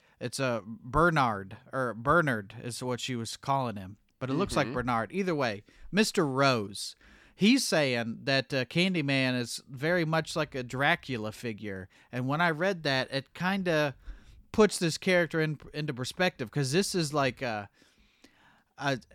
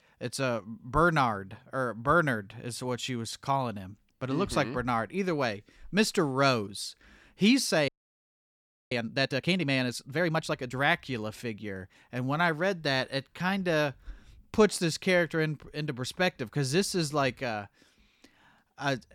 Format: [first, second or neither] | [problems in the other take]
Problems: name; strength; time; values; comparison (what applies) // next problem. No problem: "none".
first | audio freezing; at 8 s for 1 s